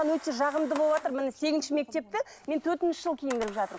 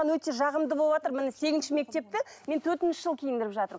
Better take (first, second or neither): second